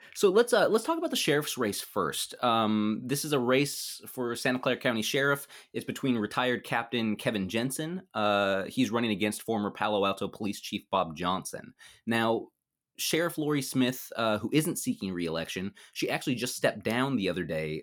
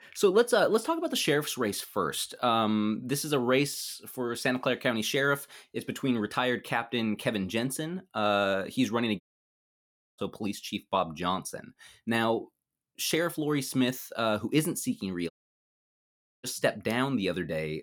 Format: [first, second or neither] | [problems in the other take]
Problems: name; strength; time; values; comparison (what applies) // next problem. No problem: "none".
first | audio cutting out; at 9 s for 1 s and at 15 s for 1 s